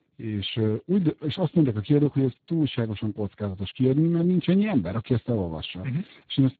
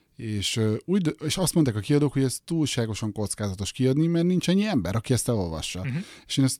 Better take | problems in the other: second | garbled, watery; badly; nothing above 3.5 kHz

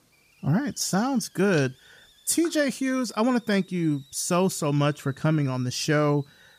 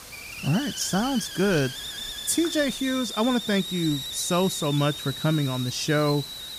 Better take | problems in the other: first | hiss; loud; throughout; 7 dB below the speech; faint in the first

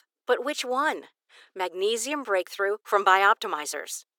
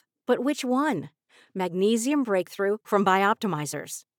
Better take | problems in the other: second | thin; very; fading below 400 Hz

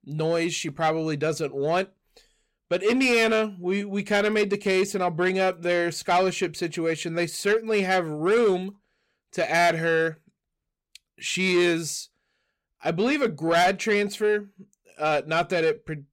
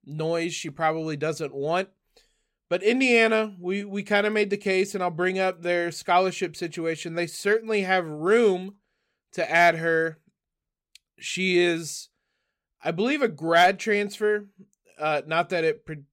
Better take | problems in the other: second | distortion; slight; 10 dB below the speech

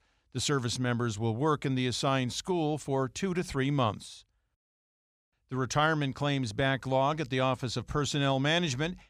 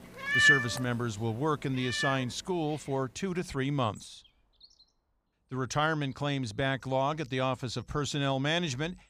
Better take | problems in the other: first | animal sounds; very loud; throughout; 4 dB above the speech

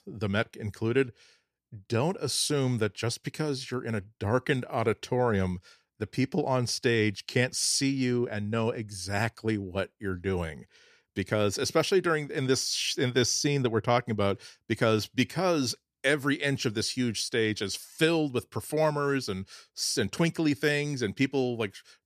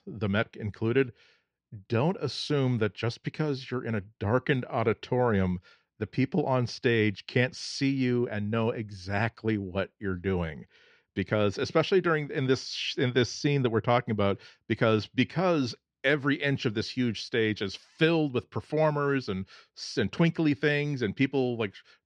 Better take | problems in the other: first | muffled; slightly; fading above 4 kHz

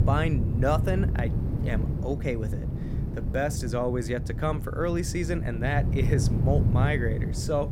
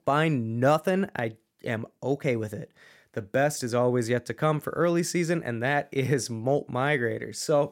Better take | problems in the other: second | wind noise on the microphone; heavy; 9 dB below the speech

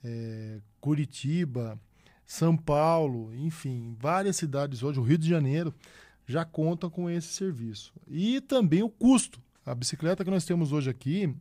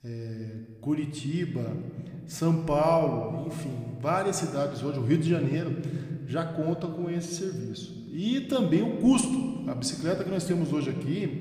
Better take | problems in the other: first | room echo; slight; dies away in 1.7 s

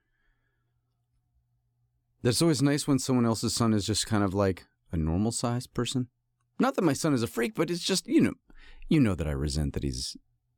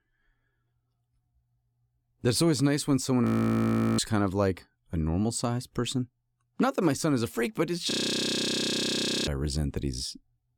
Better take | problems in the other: first | audio freezing; at 3.5 s for 0.5 s and at 8 s for 1.5 s

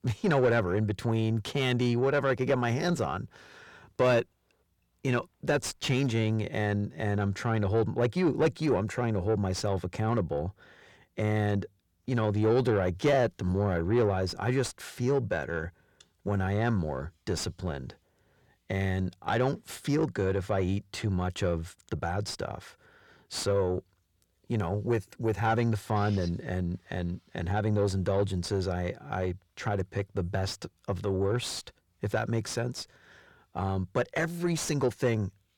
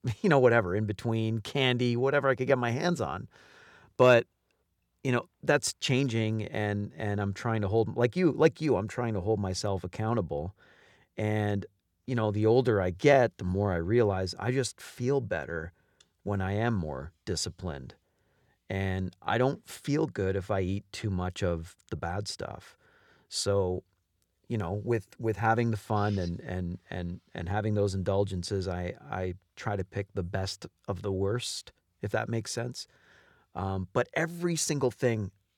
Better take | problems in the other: second | distortion; slight; 10 dB below the speech

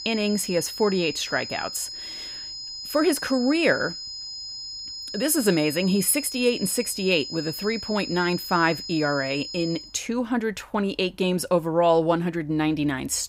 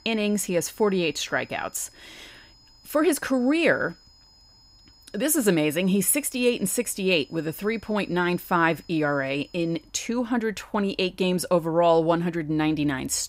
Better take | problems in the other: second | high-pitched whine; loud; until 10 s; 5 kHz, 9 dB below the speech; faint in the second

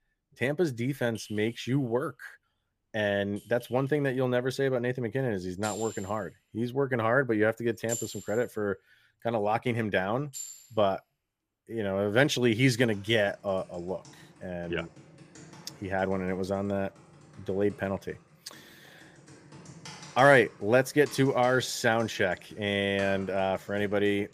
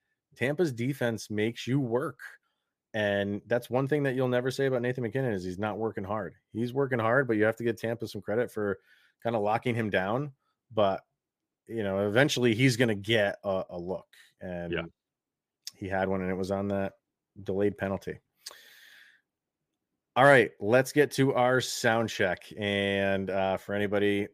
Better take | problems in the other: second | household noises; noticeable; throughout; 20 dB below the speech

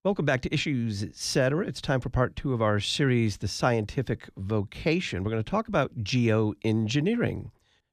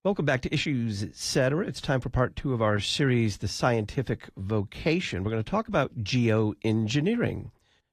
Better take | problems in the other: first | garbled, watery; slightly; nothing above 14.5 kHz

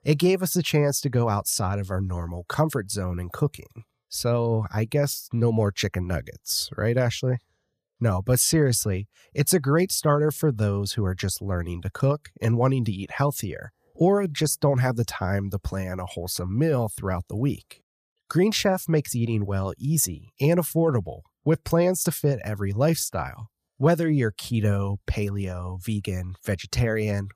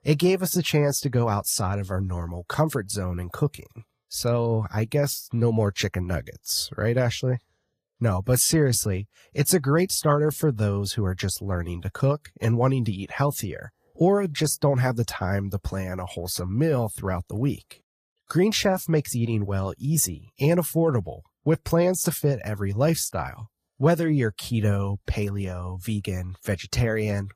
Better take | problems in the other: first | garbled, watery; slightly; nothing above 14.5 kHz

